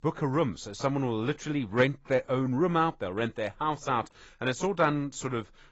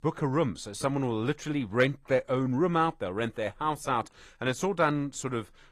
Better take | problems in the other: second | garbled, watery; badly; nothing above 7.5 kHz; slightly in the second

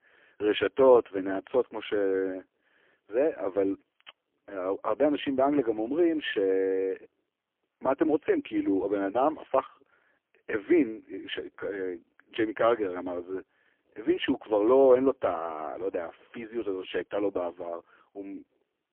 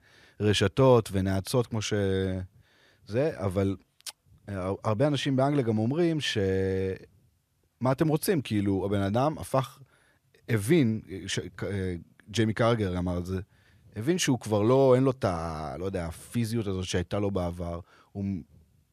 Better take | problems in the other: second | phone-call audio; poor line; nothing above 3.5 kHz

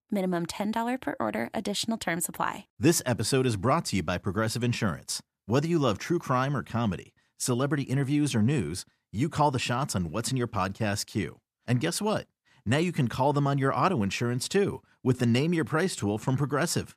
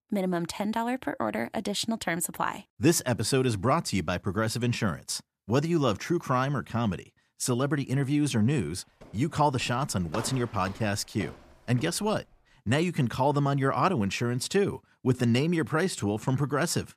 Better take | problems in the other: first | footsteps; faint; from 9 to 12 s; peak 10 dB below the speech

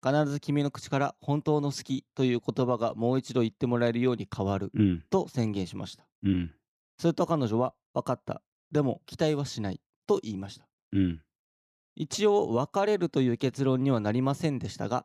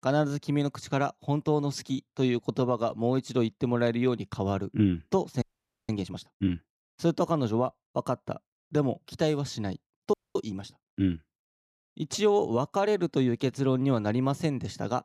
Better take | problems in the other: first | audio freezing; at 5.5 s and at 10 s

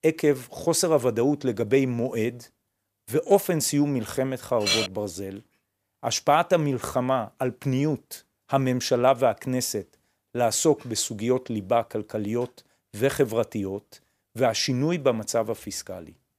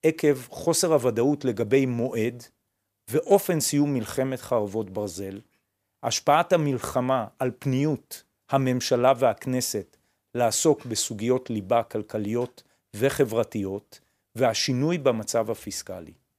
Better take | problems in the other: second | clattering dishes; loud; at 4.5 s; peak 1 dB above the speech

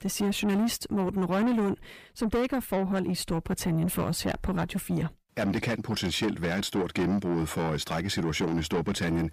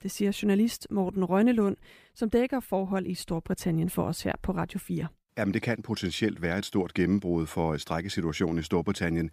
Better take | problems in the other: second | distortion; heavy; 7 dB below the speech

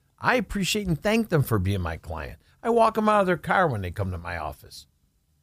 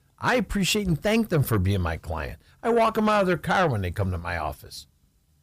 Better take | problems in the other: first | distortion; slight; 10 dB below the speech

